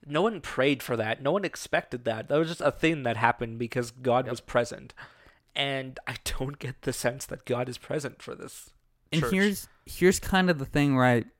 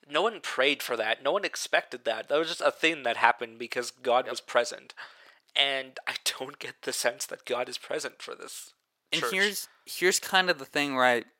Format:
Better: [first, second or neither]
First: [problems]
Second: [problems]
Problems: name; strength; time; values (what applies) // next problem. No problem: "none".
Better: first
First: none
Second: thin; somewhat; fading below 500 Hz